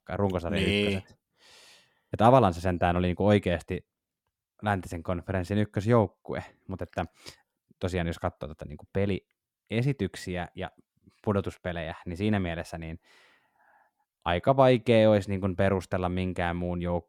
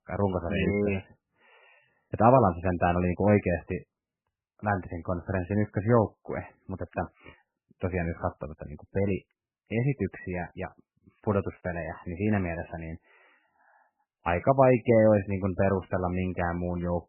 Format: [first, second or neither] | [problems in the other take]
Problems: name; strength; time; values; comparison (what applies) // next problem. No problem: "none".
first | garbled, watery; badly; nothing above 3 kHz